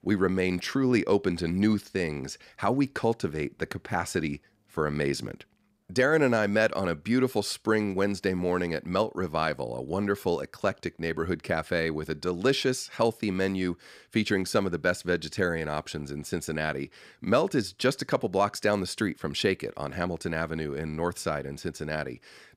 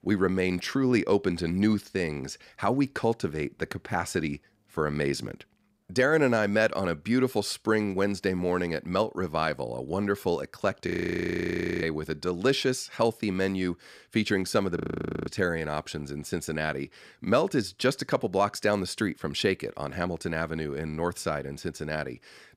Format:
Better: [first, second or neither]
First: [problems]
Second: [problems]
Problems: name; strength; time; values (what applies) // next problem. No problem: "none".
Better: first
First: none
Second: audio freezing; at 11 s for 1 s and at 15 s